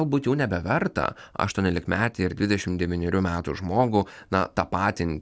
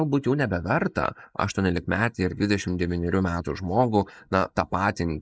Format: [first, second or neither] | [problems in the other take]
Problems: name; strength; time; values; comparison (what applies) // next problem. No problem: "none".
first | noise reduction (neural mask model Resemble Enhance denoiser)